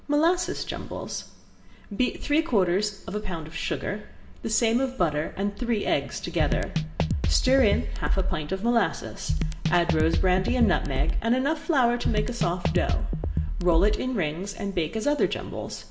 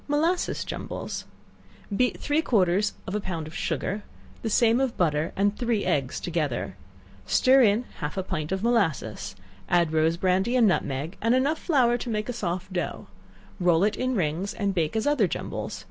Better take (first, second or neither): second